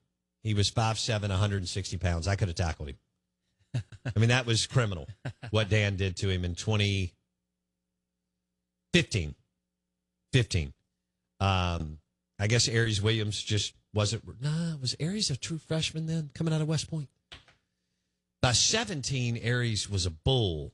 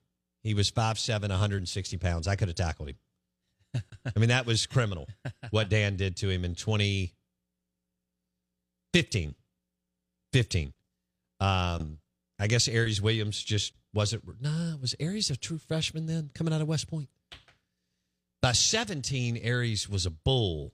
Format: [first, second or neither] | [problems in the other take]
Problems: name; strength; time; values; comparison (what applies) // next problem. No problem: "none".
second | garbled, watery; slightly